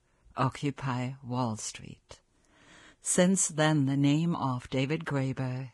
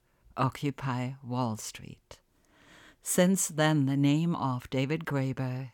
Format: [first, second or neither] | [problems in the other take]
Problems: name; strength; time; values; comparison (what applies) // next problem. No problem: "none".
second | garbled, watery; badly